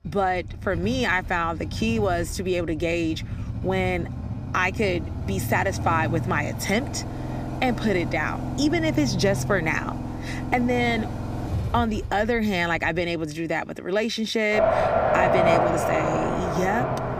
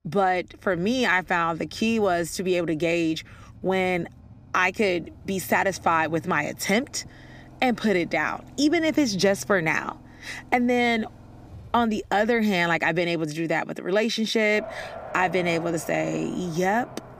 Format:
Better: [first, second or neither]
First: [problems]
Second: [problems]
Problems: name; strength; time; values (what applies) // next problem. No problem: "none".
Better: second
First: traffic noise; loud; throughout; 3 dB below the speech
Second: traffic noise; faint; throughout; 20 dB below the speech